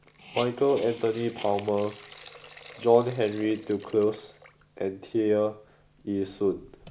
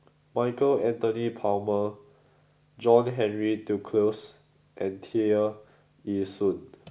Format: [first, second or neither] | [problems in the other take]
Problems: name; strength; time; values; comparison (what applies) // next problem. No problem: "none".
second | background sound (Hiss); 20 dB below the speech